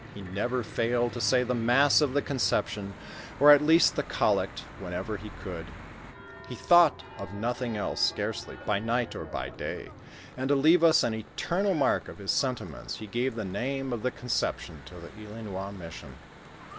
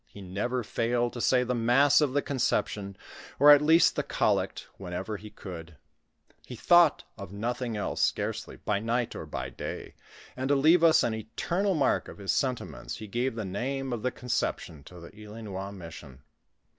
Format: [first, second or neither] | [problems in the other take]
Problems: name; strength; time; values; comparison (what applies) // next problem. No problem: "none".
second | background sound (Church bell / Traffic noise, roadway noise); 16 dB below the speech